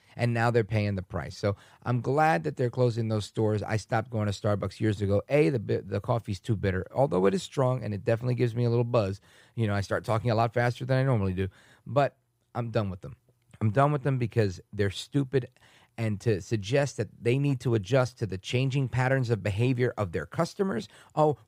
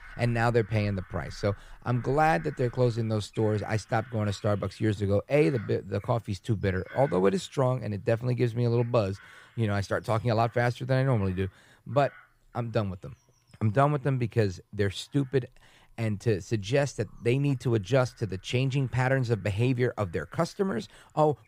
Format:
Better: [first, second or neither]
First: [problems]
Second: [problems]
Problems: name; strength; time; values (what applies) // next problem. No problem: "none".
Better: first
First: none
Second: animal sounds; faint; throughout; 25 dB below the speech